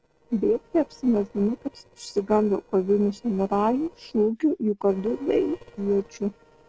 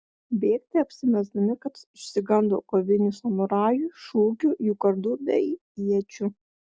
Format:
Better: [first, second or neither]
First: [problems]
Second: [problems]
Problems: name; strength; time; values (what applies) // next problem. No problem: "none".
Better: second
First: noise reduction (neural separator model SepFormer DNS4)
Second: none